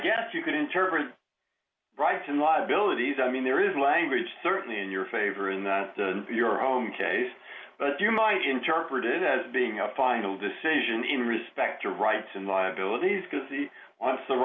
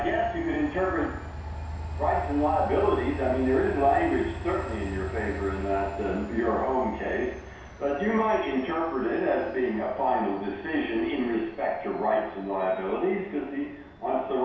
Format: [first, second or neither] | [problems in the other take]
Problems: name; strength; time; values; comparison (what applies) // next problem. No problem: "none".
first | background sound (Train); 11 dB below the speech // room echo; dies away in 0.7 s